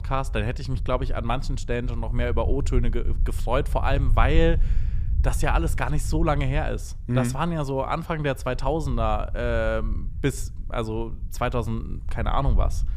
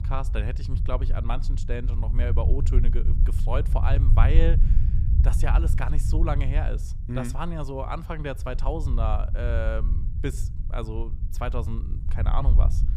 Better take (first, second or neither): first